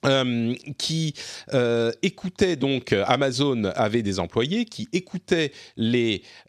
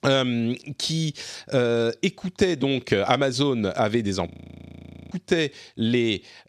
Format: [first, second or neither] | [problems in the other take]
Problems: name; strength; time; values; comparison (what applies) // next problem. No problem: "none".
first | audio freezing; at 4.5 s for 1 s